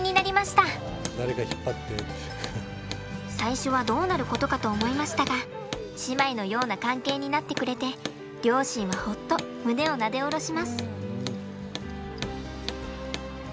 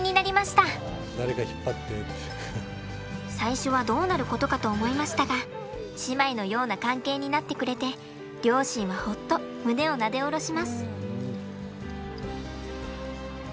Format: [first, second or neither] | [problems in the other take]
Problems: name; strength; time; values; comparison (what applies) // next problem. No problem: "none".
second | background sound (Hammer); 13 dB below the speech